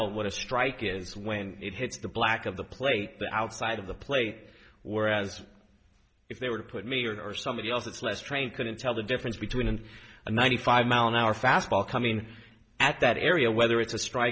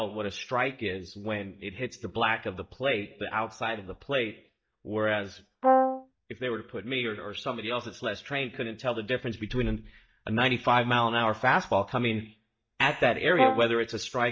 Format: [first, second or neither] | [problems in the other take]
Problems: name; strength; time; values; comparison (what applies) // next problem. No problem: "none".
first | noise reduction (neural mask model DeepFilterNet 3)